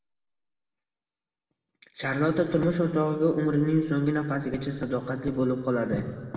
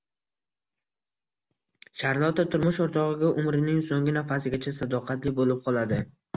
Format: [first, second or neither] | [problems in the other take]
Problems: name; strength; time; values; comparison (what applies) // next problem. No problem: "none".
second | room echo; dies away in 2.1 s